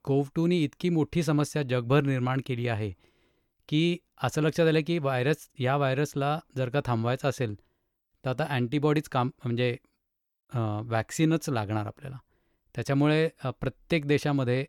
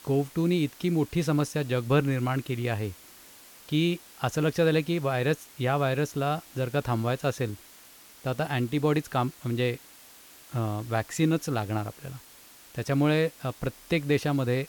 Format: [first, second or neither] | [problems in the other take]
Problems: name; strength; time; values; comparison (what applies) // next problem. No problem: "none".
first | hiss; faint; throughout; 20 dB below the speech